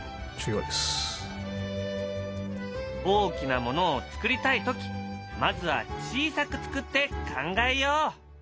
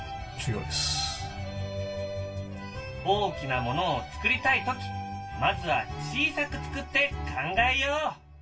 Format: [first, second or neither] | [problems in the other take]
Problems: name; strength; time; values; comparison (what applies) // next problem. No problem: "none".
first | room echo; dies away in 0.2 s